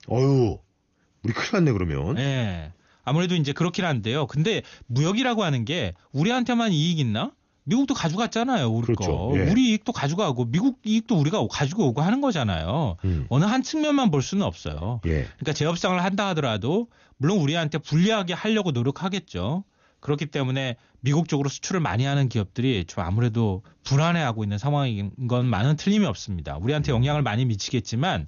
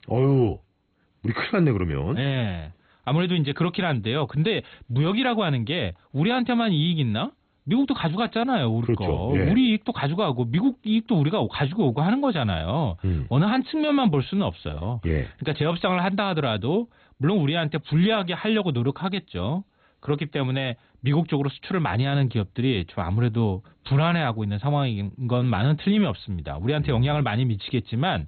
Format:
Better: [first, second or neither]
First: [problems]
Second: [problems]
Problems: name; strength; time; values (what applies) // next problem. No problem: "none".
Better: first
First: garbled, watery; slightly; nothing above 6.5 kHz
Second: garbled, watery; badly; nothing above 4 kHz